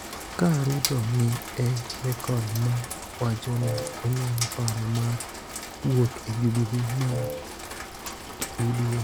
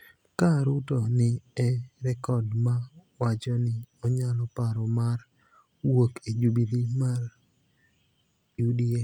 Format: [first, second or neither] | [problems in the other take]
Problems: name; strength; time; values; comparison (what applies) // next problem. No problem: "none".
second | background sound (Wind instrument, woodwind instrument + Rain); 8 dB below the speech